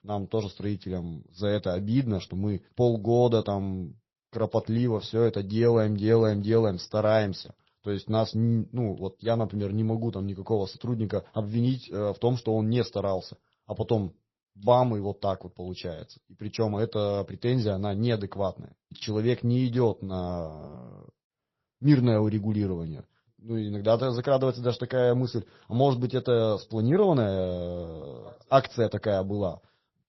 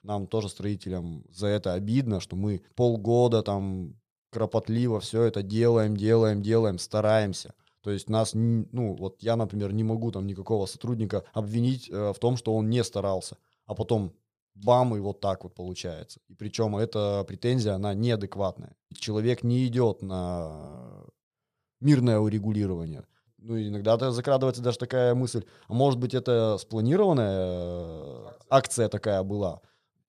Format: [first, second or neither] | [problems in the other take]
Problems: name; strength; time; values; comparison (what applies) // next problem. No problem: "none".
second | garbled, watery; slightly; nothing above 5.5 kHz